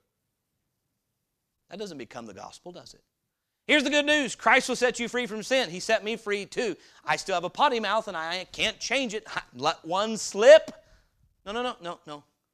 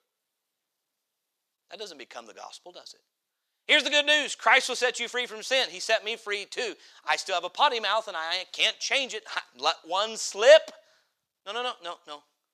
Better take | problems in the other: first | thin; somewhat; fading below 500 Hz

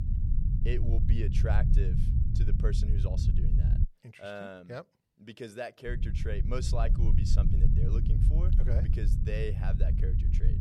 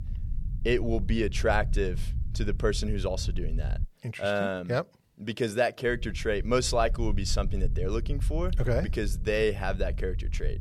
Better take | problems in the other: second | low rumble; loud; until 4 s and from 6 s on; 3 dB below the speech; faint in the second

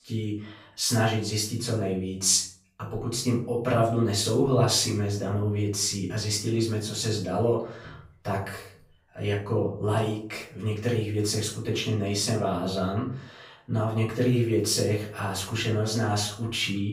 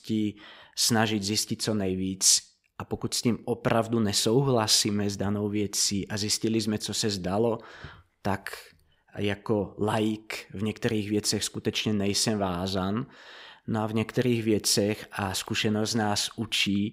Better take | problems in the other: second | room echo; noticeable; dies away in 0.4 s // off-mic speech; far

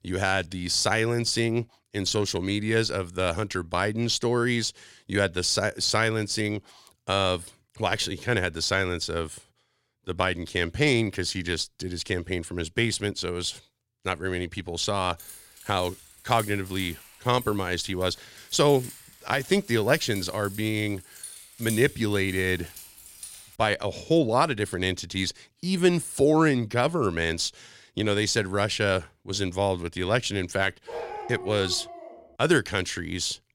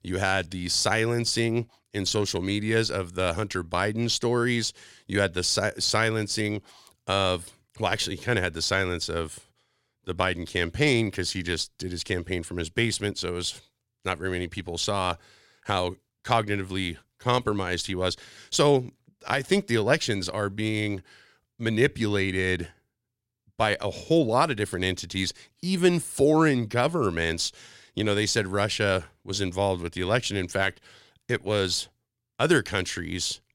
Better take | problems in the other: second | jangling keys; noticeable; from 15 to 24 s; peak 9 dB below the speech // dog barking; noticeable; from 31 to 32 s; peak 9 dB below the speech

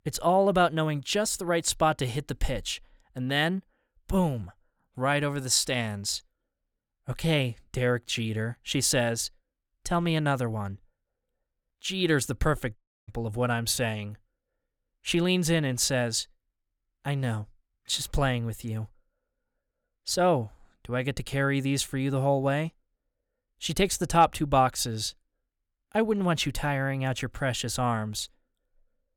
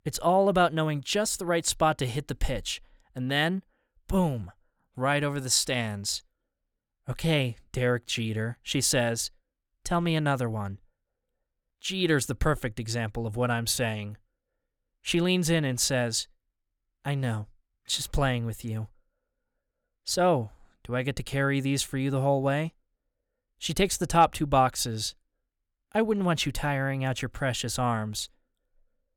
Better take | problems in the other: second | audio cutting out; at 13 s

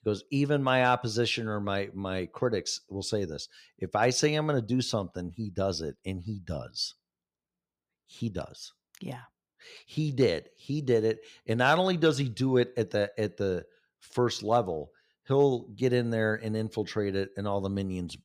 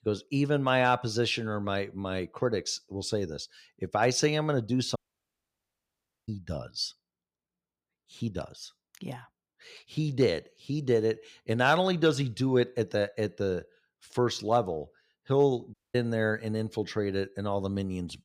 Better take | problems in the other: first | audio cutting out; at 5 s for 1.5 s and at 16 s

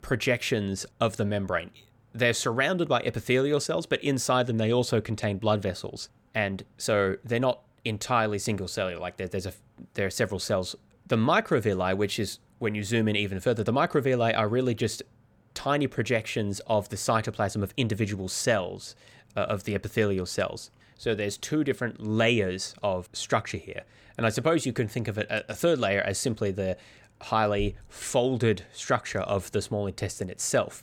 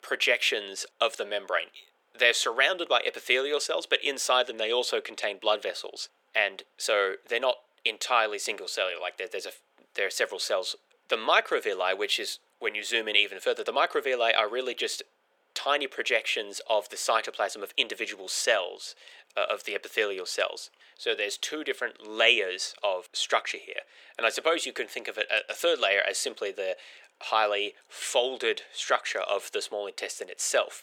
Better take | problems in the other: first | thin; very; fading below 400 Hz

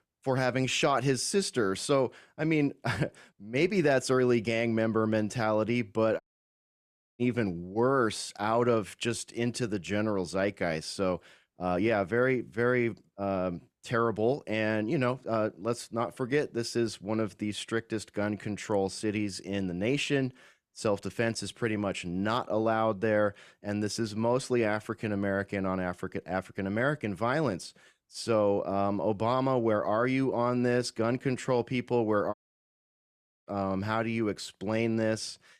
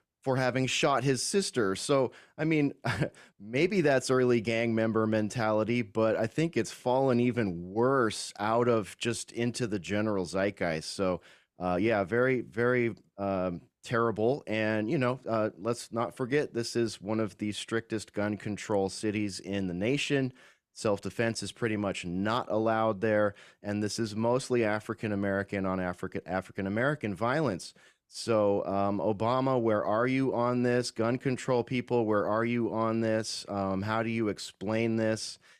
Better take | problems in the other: second | audio cutting out; at 6 s for 1 s and at 32 s for 1 s

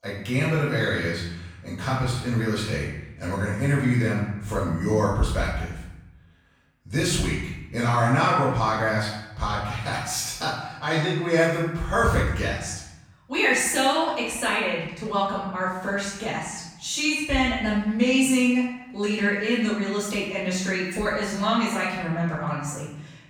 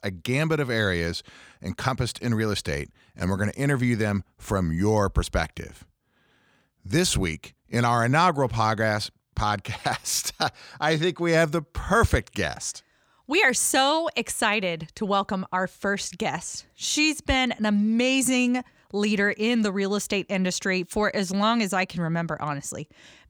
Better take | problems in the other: second | off-mic speech; far // room echo; noticeable; dies away in 0.8 s

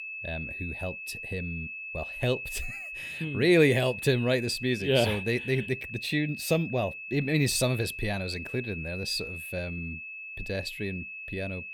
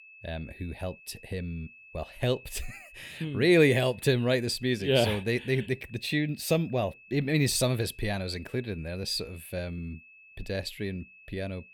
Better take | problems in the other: second | high-pitched whine; loud; throughout; 2.5 kHz, 8 dB below the speech; faint in the second

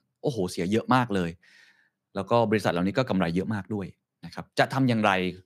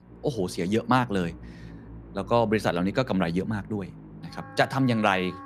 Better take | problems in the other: first | background music; noticeable; throughout; 20 dB below the speech

